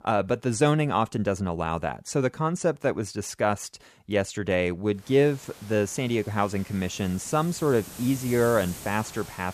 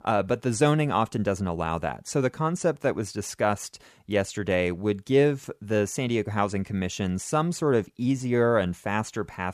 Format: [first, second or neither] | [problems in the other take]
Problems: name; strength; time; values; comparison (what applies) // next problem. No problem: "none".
second | hiss; noticeable; from 5 s on; 15 dB below the speech